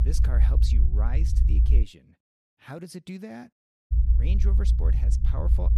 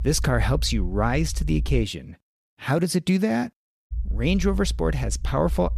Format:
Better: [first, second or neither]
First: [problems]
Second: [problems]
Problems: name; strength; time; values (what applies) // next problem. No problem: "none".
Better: second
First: low rumble; loud; until 2 s and from 4 s on; 1 dB below the speech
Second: low rumble; faint; until 2 s and from 4 s on; 25 dB below the speech